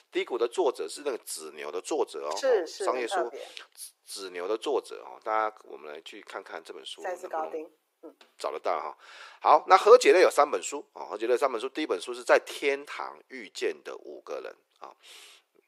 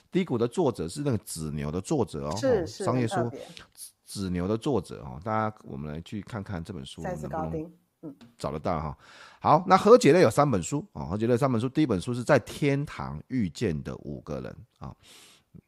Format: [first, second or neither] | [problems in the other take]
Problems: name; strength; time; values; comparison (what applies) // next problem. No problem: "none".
second | thin; very; fading below 350 Hz